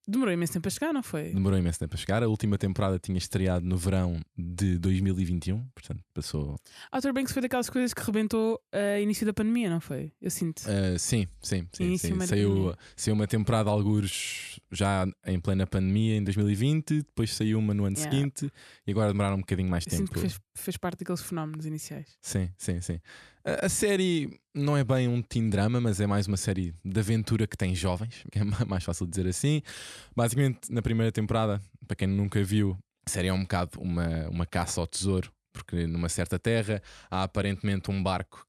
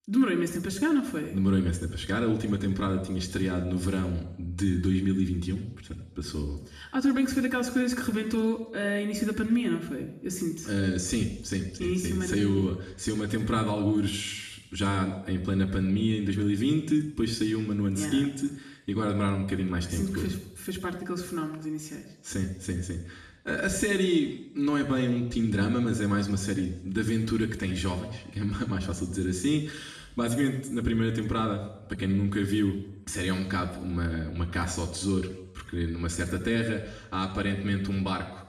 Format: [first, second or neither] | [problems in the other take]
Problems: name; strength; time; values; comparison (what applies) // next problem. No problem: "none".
first | room echo; noticeable; dies away in 0.8 s // off-mic speech; far